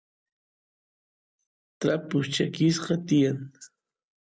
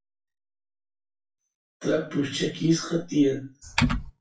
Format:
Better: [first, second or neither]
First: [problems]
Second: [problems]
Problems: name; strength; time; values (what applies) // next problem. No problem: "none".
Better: first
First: none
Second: noise reduction (classical method WPE with log-MMSE)